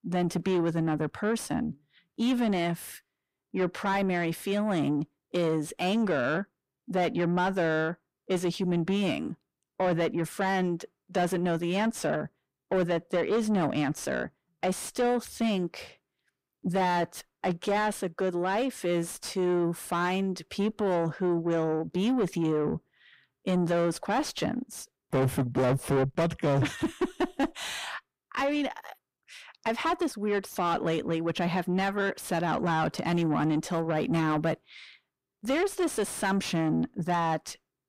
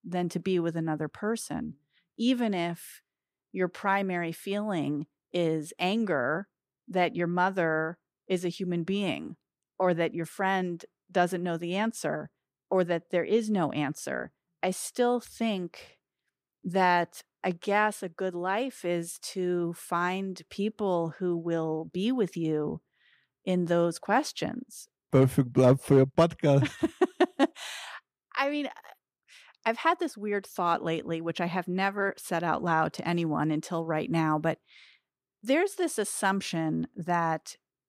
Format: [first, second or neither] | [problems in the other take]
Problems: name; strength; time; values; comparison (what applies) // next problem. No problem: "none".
second | distortion; heavy; 7 dB below the speech